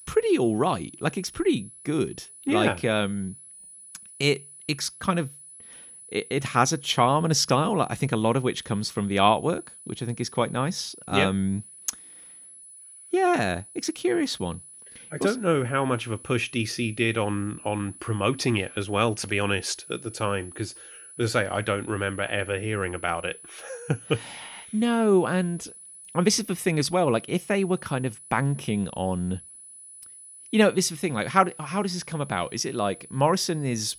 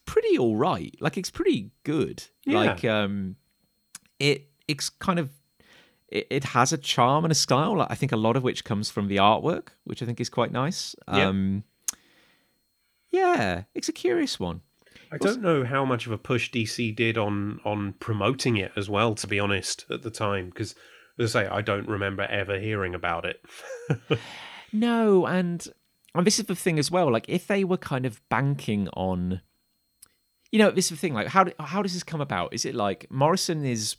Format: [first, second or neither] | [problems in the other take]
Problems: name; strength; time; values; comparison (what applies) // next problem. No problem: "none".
second | high-pitched whine; noticeable; throughout; 10 kHz, 15 dB below the speech